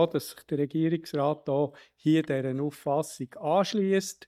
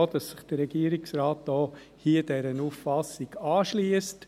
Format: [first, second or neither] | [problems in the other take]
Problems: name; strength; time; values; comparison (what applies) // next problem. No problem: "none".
second | noise reduction (neural mask model DeepFilterNet 3)